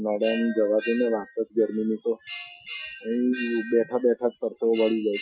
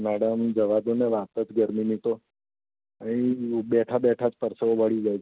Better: second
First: noise reduction (classical method Wiener filter)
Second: none

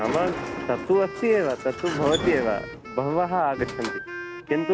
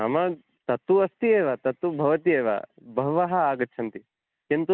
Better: second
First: background sound (Wind instrument, woodwind instrument + Sliding door); 8 dB below the speech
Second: none

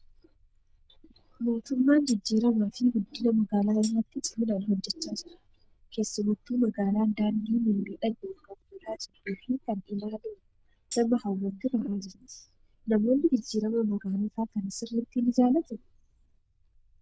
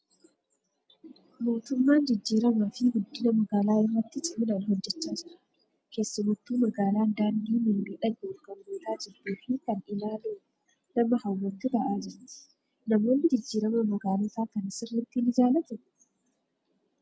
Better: second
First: noise reduction (neural diffusion model UNIVERSE++)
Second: none

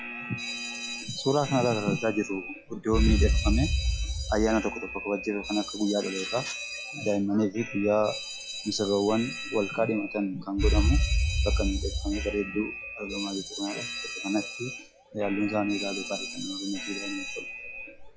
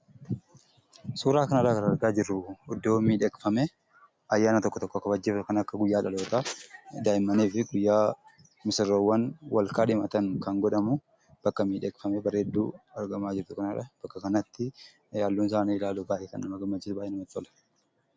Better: second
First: noise reduction (classical method log-MMSE)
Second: none

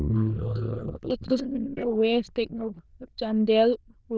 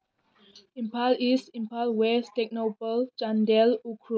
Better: second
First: noise reduction (neural diffusion model UNIVERSE++)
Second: none

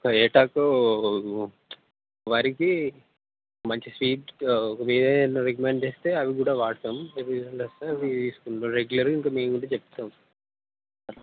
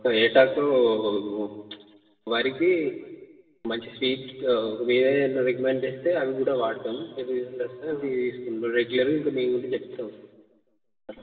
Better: first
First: none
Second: room echo; dies away in 1.3 s

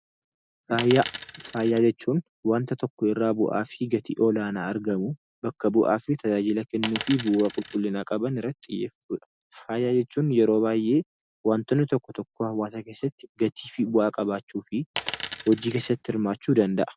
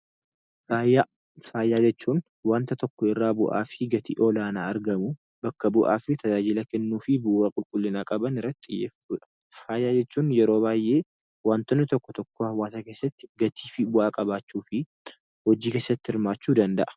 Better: second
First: background sound (Coin (dropping)); 10 dB below the speech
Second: none

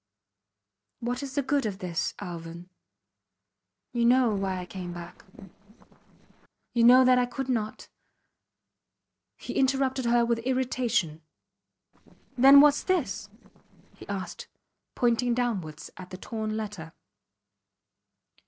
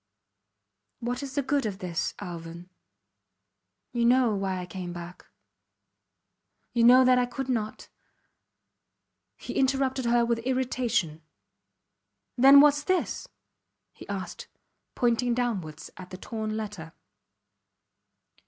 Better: second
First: noise reduction (neural separator model SepFormer DNS4)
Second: none

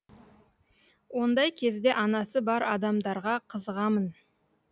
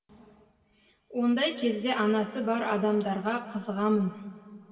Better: first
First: none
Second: room echo; dies away in 2.5 s

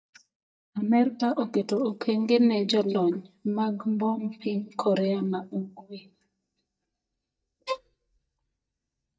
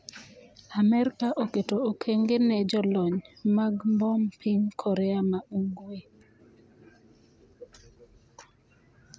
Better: second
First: noise reduction (neural mask model DeepFilterNet 3)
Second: none

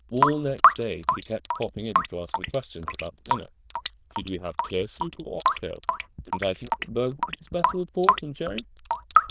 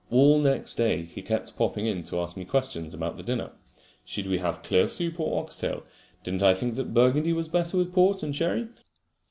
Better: second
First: noise reduction (neural diffusion model UNIVERSE++)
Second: none

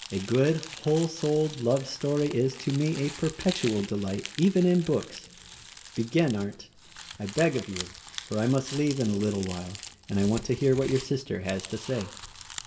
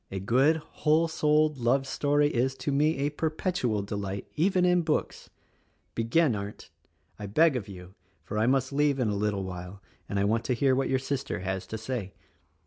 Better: second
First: background sound (Crumpling, crinkling); 15 dB below the speech // room echo; dies away in 0.7 s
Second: none

